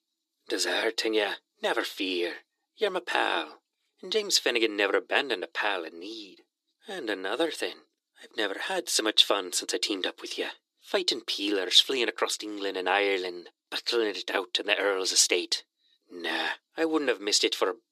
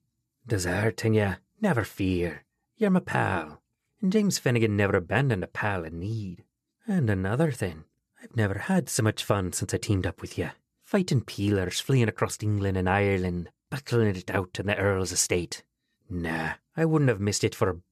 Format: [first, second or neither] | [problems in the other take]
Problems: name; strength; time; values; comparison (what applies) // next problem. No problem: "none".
second | thin; very; fading below 300 Hz